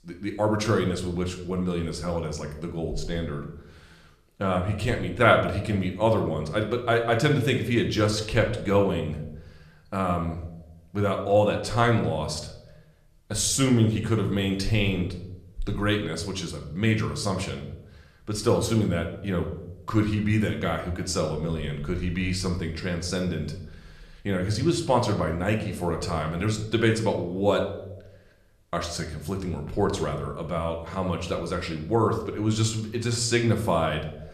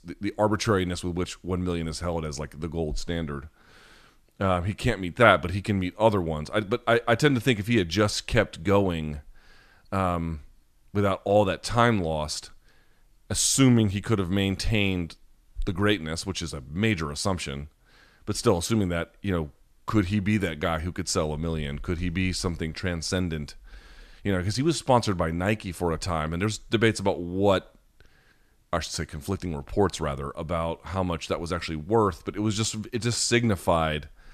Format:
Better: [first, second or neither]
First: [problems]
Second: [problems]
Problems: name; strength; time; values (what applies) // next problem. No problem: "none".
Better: second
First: room echo; slight; dies away in 0.6 s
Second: none